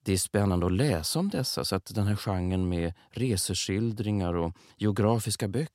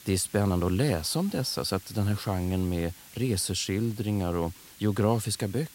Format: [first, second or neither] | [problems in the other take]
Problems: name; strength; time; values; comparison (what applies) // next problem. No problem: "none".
first | hiss; noticeable; throughout; 20 dB below the speech